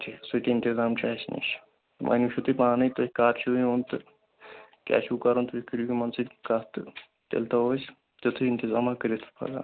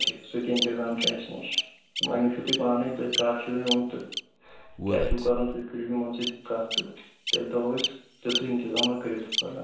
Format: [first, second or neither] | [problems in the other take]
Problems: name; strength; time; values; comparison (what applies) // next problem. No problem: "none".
first | background sound (Bird vocalization, bird call, bird song); 3 dB below the speech // room echo; dies away in 0.7 s